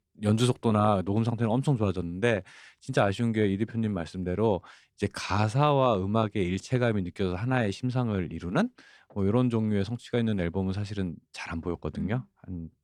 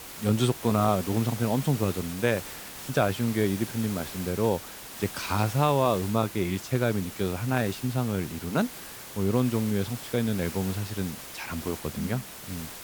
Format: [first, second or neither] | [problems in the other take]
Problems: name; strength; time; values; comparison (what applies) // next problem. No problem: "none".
first | hiss; noticeable; throughout; 10 dB below the speech